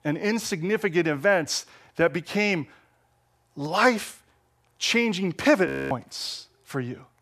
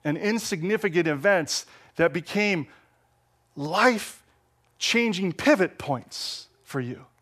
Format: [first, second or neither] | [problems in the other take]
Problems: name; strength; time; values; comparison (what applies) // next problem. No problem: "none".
second | audio freezing; at 5.5 s